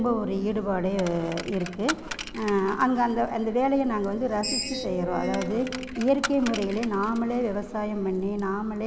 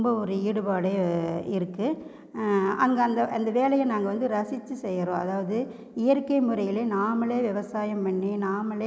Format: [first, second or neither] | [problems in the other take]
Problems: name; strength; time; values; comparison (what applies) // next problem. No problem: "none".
second | background sound (Screech + Coin (dropping)); 9 dB below the speech